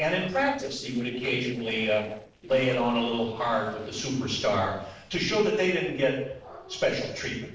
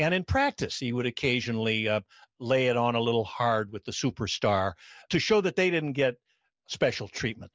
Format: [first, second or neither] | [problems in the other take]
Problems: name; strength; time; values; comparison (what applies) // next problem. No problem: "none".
second | noise reduction (neural separator model SepFormer DNS4)